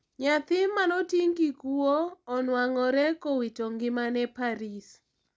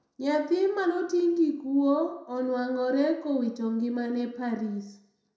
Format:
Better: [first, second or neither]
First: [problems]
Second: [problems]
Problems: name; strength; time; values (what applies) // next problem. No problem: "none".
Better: first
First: none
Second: room echo; dies away in 0.6 s